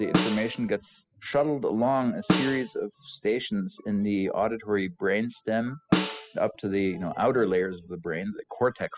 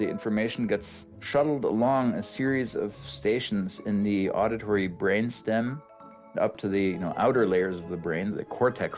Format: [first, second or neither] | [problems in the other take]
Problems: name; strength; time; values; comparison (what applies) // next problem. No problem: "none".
second | noise reduction (classical method spectral subtraction)